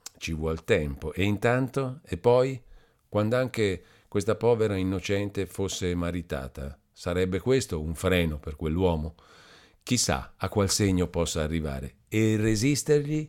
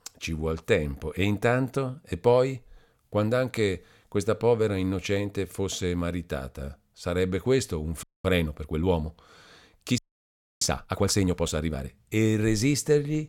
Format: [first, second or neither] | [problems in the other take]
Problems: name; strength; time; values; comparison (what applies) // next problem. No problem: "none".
first | audio freezing; at 8 s and at 10 s for 0.5 s